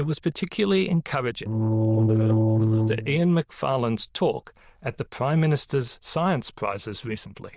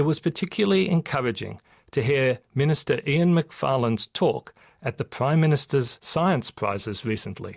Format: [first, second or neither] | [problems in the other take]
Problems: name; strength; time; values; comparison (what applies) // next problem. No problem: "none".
second | noise reduction (neural diffusion model UNIVERSE++)